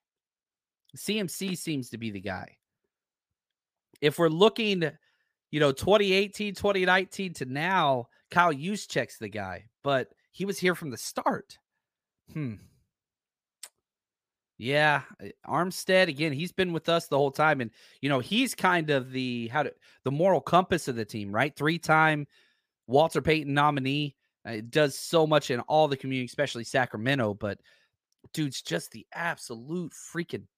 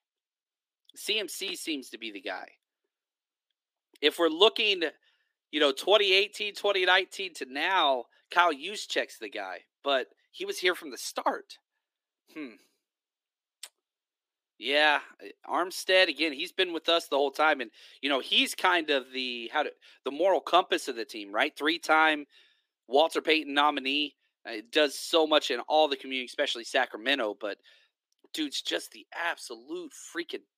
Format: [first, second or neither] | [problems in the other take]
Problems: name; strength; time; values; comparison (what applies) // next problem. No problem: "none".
first | thin; somewhat; fading below 300 Hz